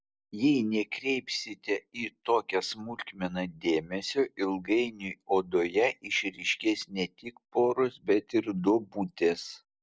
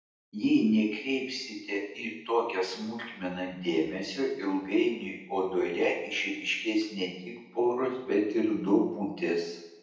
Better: first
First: none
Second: room echo; dies away in 0.8 s

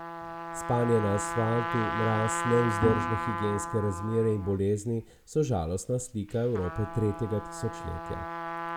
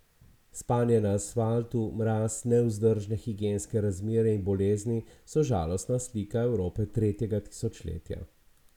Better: second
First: background sound (Trumpet + Bowed string instrument); 6 dB below the speech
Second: none

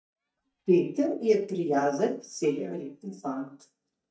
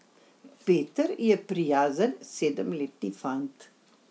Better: second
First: noise reduction (neural mask model DeepFilterNet 3)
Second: none

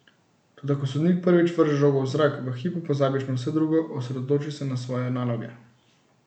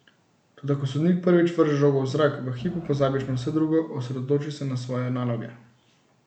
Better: first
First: none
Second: background sound (Crowd); 19 dB below the speech

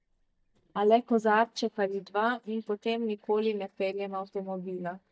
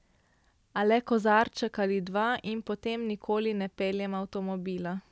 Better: second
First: noise reduction (neural mask model DeepFilterNet 3)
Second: none

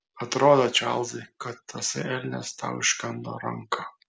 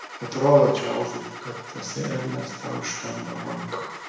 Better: first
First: none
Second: background sound (Engine starting / Car); 13 dB below the speech // room echo; dies away in 1 s

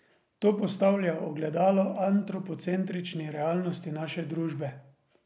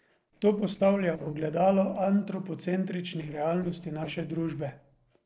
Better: first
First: none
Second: noise reduction (neural separator model SepFormer DNS4)

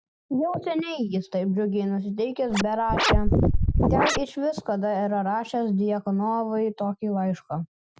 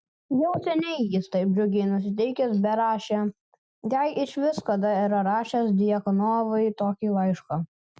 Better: second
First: background sound (Scratching (performance technique)); 5 dB above the speech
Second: none

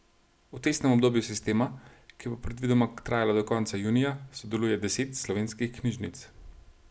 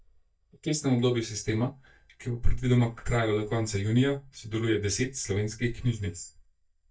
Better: first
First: none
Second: noise reduction (neural mask model DeepFilterNet 3)

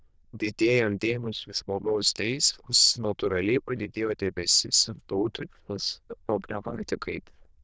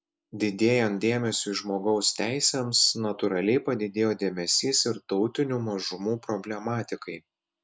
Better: second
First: noise reduction (neural diffusion model UNIVERSE++)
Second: none

